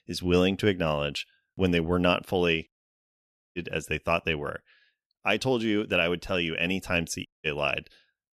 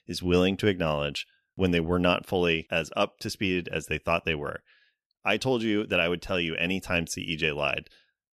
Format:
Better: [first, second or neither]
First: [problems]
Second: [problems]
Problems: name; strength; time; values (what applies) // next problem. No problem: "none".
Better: second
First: audio cutting out; at 2.5 s for 1 s and at 7.5 s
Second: none